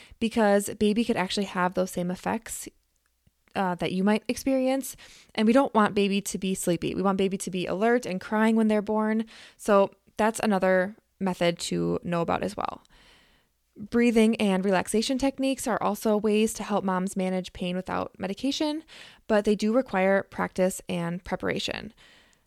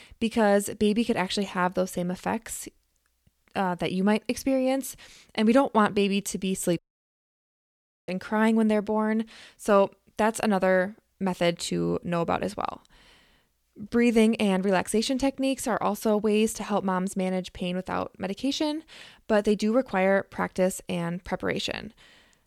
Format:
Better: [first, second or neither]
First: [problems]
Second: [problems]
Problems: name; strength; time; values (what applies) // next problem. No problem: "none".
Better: first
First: none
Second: audio cutting out; at 7 s for 1.5 s